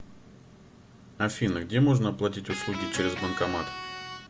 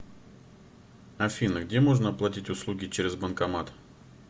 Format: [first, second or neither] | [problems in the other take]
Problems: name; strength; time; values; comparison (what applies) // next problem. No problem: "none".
second | background sound (Electric guitar); 7 dB below the speech